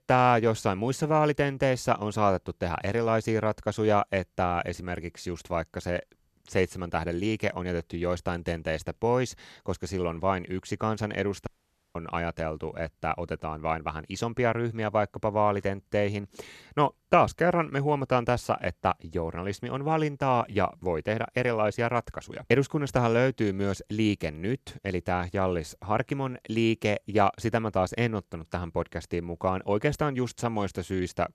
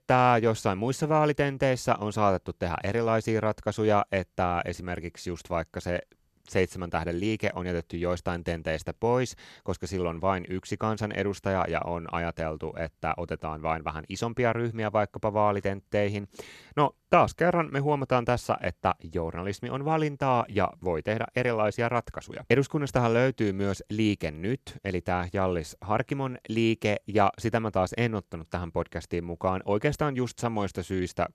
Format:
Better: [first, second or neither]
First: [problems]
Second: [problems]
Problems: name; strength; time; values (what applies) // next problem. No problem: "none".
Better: second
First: audio cutting out; at 11 s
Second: none